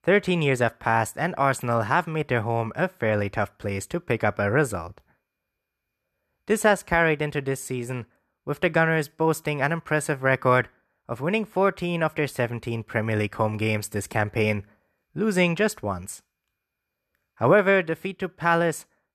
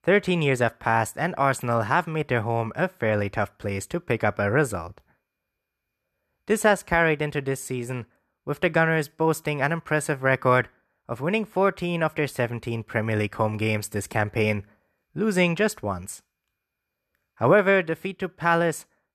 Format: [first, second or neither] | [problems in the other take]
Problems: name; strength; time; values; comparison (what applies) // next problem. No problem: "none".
neither | none